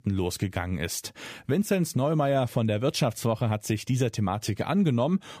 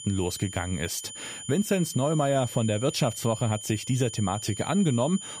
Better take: first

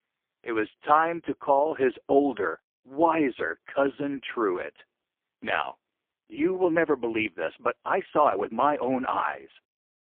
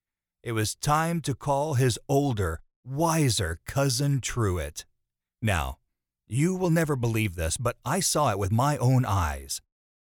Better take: second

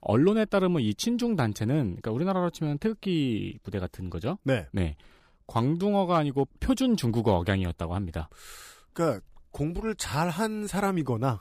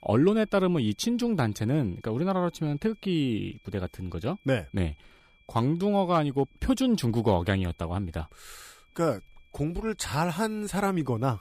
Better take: first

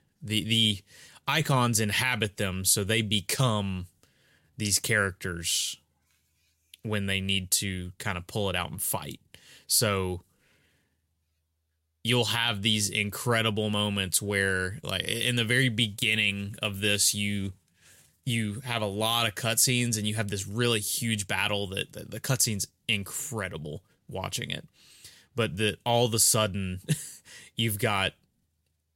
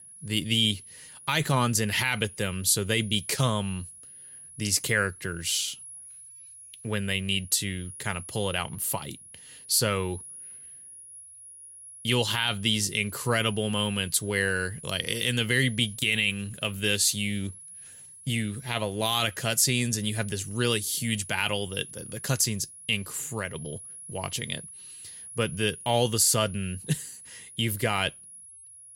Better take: first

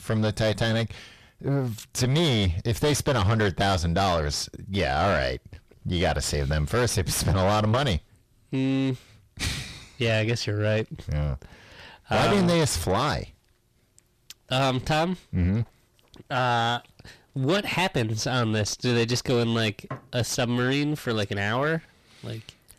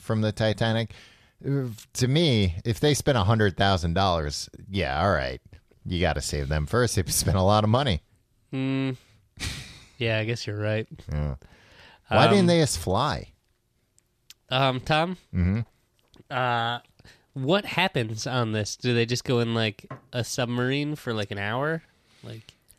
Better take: second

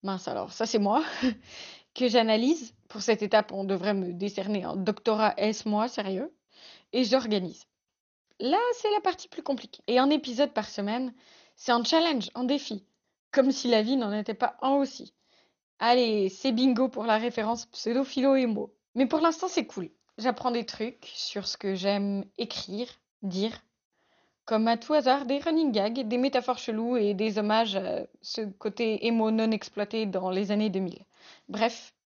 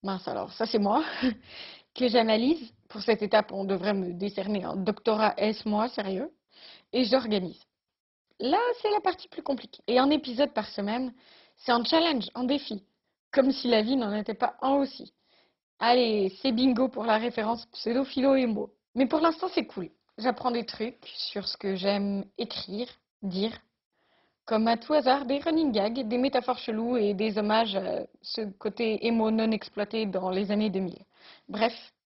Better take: first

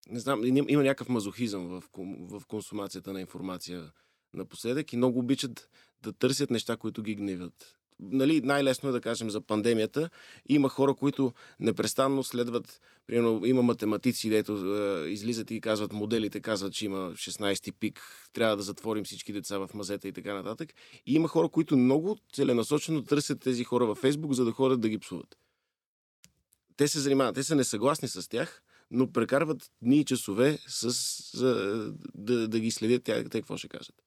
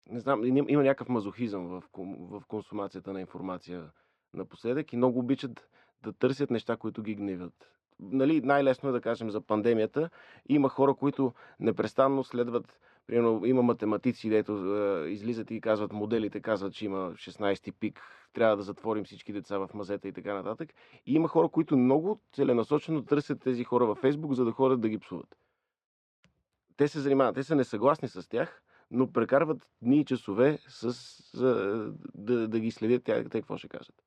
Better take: first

